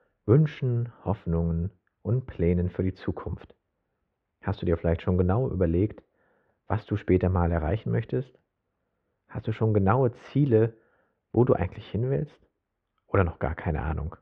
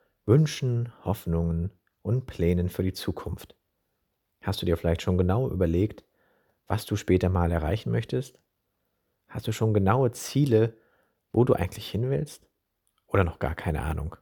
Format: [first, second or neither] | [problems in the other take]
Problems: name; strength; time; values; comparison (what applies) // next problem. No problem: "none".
second | muffled; very; fading above 2.5 kHz